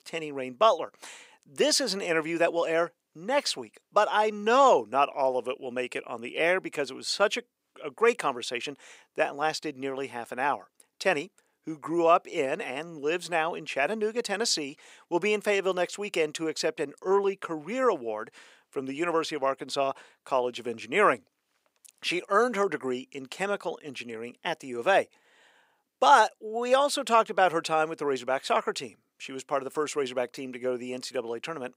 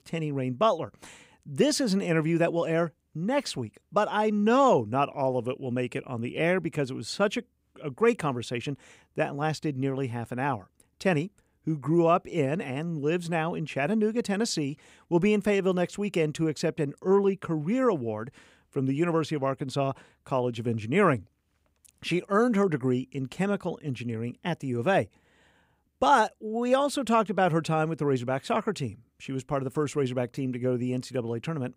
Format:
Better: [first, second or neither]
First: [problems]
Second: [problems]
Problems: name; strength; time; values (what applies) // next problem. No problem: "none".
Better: second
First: thin; somewhat; fading below 500 Hz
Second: none